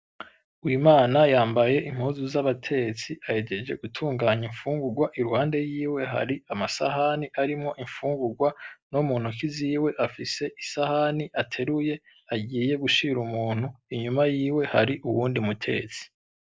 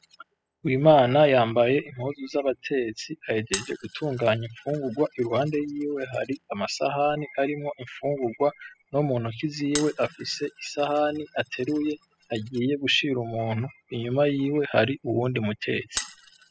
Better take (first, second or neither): first